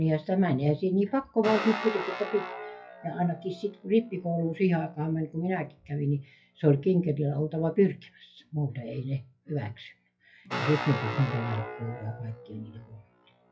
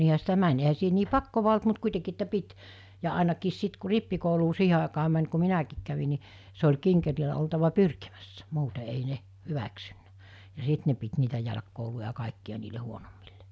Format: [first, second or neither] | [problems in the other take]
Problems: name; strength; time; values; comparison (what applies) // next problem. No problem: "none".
second | noise reduction (classical method WPE with log-MMSE)